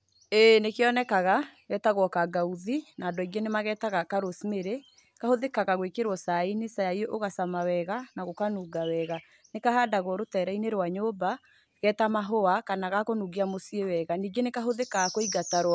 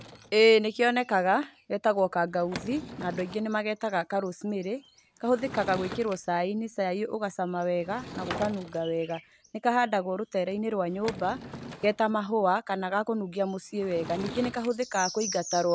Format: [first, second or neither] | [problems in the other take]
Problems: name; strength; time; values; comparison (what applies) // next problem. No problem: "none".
first | background sound (Sliding door / Wood); 16 dB below the speech